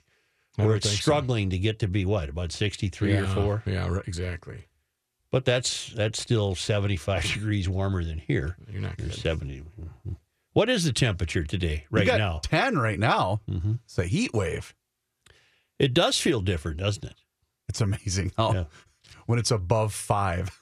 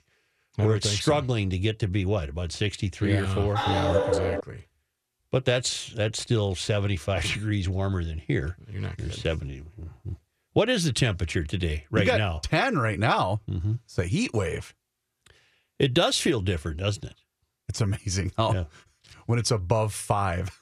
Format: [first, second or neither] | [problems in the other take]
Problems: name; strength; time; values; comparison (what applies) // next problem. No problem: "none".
first | dog barking; loud; at 3.5 s; peak 2 dB above the speech